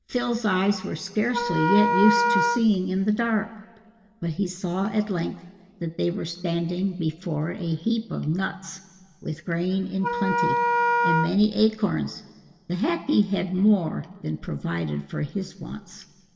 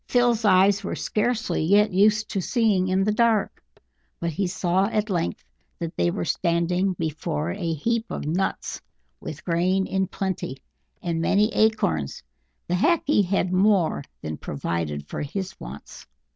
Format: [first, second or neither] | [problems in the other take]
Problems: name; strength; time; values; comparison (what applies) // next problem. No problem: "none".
second | background sound (Wind instrument, woodwind instrument); 2 dB above the speech // room echo; dies away in 1.4 s